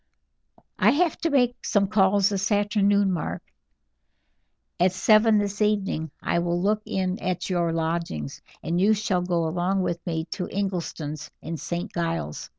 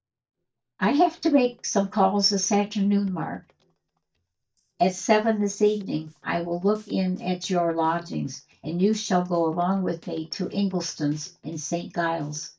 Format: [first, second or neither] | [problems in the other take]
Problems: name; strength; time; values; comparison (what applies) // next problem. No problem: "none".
first | noise reduction (neural mask model DeepFilterNet 3)